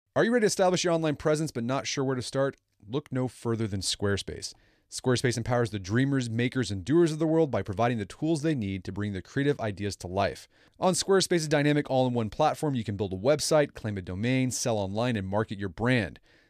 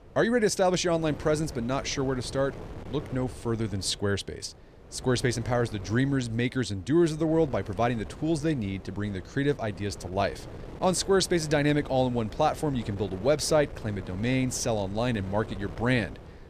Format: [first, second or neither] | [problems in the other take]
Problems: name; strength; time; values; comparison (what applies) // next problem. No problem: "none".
first | wind noise on the microphone; occasional gusts; 20 dB below the speech